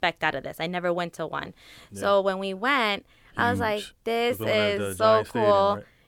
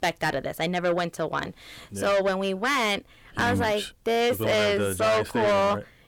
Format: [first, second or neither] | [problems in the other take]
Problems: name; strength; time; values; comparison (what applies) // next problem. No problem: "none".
first | distortion; heavy; 7 dB below the speech